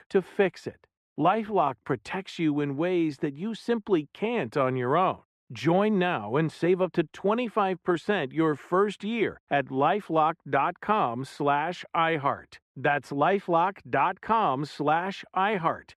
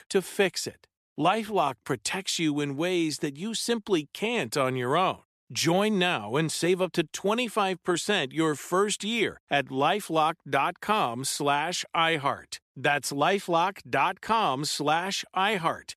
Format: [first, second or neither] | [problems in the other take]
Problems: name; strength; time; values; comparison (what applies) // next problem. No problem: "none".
second | muffled; very; fading above 3.5 kHz